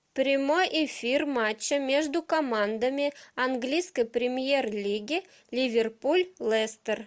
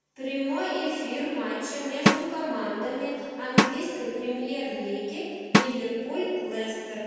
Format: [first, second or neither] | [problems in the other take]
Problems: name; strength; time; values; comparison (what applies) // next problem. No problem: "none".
first | background sound (Drum); 2 dB above the speech // room echo; dies away in 2.1 s